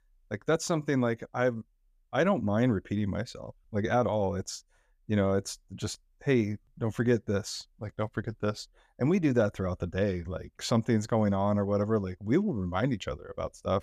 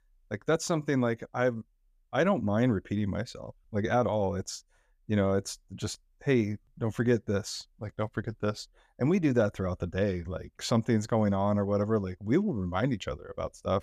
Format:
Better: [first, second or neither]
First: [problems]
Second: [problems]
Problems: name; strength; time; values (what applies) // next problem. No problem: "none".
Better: neither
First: none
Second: none